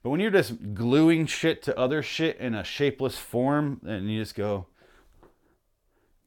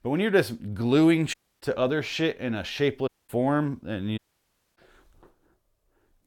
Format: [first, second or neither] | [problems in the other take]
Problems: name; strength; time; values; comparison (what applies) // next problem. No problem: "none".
first | audio cutting out; at 1.5 s, at 3 s and at 4 s for 0.5 s